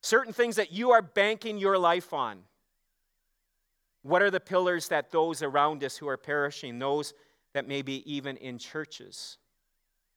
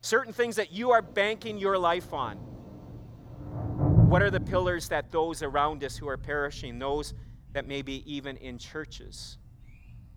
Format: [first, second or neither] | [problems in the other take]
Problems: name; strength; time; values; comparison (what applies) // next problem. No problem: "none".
first | rain or running water; very loud; throughout; 2 dB above the speech